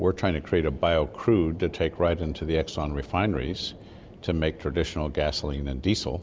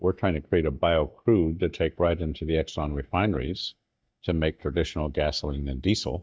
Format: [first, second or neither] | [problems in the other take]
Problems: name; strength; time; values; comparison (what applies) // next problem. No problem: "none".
first | noise reduction (neural mask model DeepFilterNet 3)